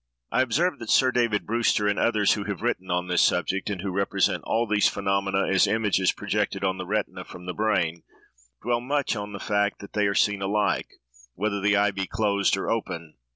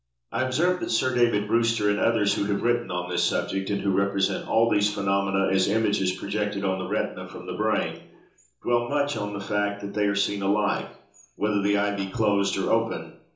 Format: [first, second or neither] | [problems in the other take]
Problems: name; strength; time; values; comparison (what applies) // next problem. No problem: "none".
first | room echo; dies away in 0.6 s